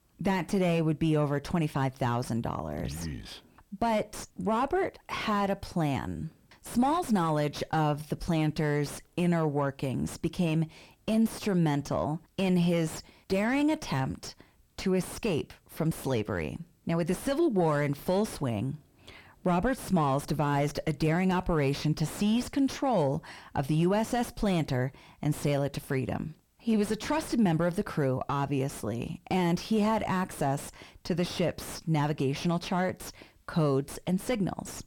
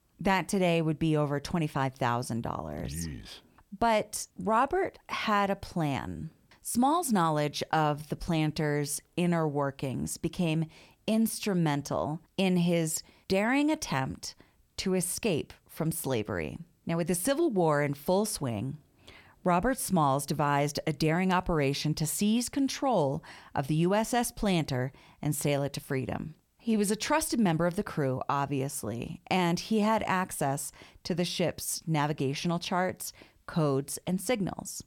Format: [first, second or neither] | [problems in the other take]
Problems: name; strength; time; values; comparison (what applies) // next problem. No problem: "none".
second | distortion; slight; 9 dB below the speech